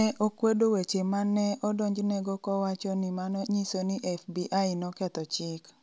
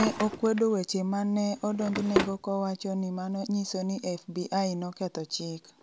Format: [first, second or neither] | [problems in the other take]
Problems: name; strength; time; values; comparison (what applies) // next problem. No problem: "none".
first | background sound (Drawer open or close); 8 dB below the speech